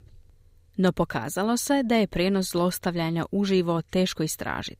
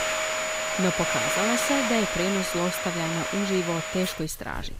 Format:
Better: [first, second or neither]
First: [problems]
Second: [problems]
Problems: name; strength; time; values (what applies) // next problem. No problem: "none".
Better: first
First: none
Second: household noises; very loud; throughout; 1 dB above the speech